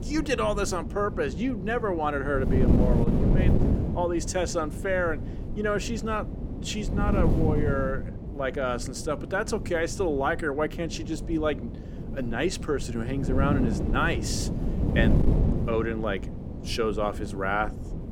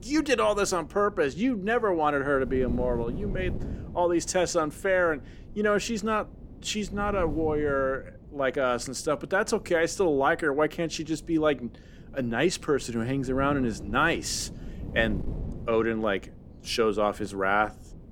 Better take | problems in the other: second | wind noise on the microphone; heavy; 8 dB below the speech; occasional gusts in the second

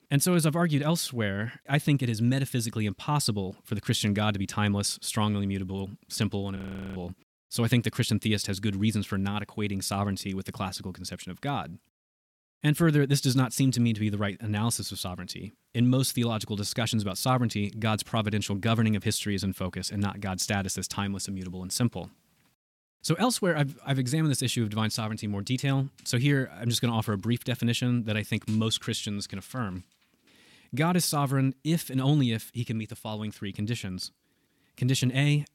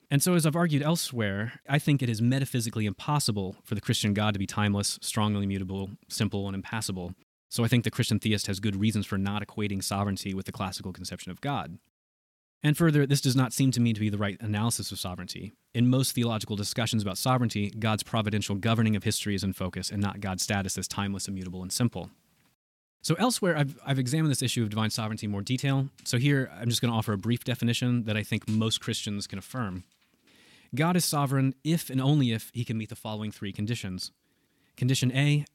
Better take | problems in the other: second | audio freezing; at 6.5 s

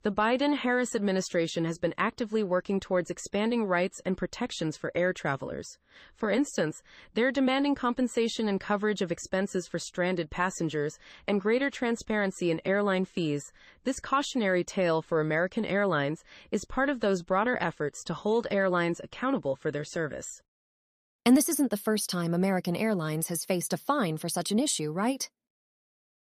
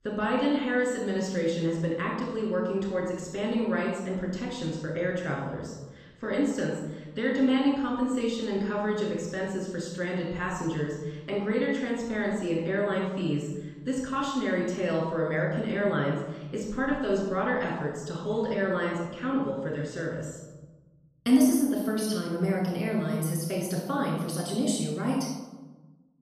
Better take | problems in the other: first | off-mic speech; far // room echo; noticeable; dies away in 1.3 s

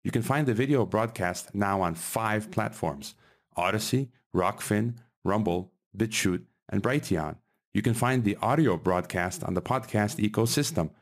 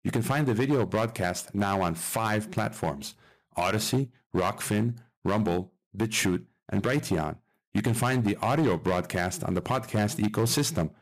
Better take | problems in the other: first | distortion; slight; 8% of the sound clipped

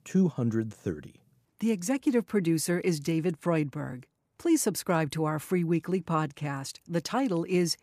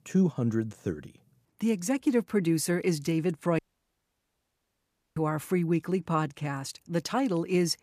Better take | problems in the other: first | audio cutting out; at 3.5 s for 1.5 s

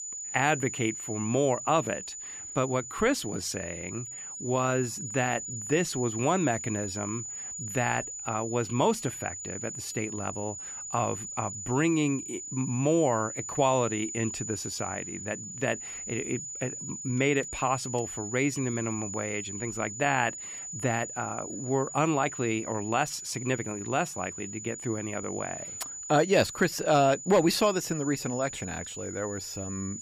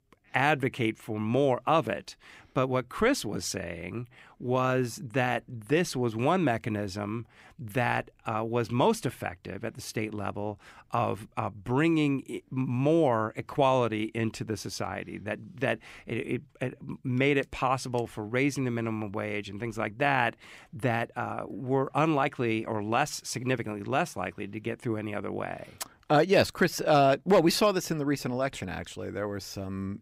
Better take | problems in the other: second | high-pitched whine; loud; throughout; 7 kHz, 7 dB below the speech

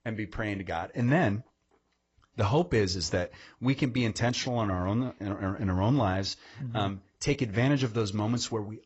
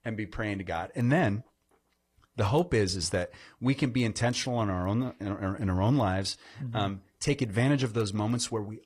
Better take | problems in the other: second | garbled, watery; badly; nothing above 8 kHz; slightly in the second

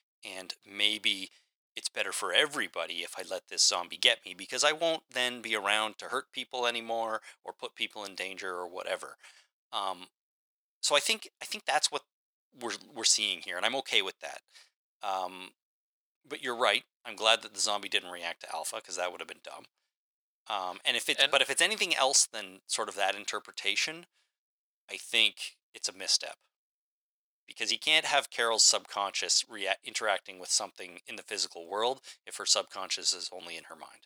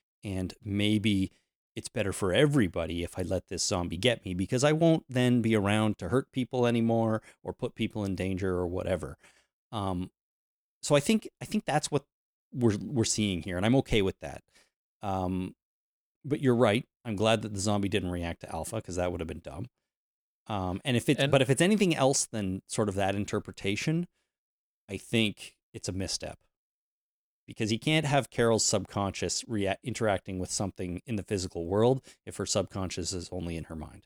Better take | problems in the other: second | thin; very; fading below 950 Hz

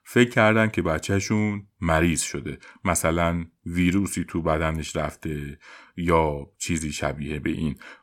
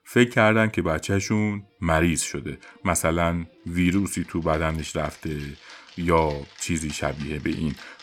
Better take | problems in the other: first | background music; faint; throughout; 25 dB below the speech

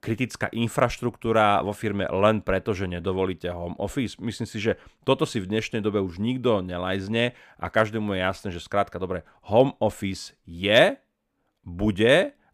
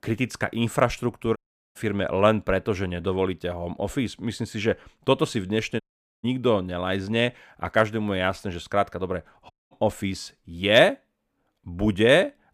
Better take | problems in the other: first | audio cutting out; at 1.5 s, at 6 s and at 9.5 s

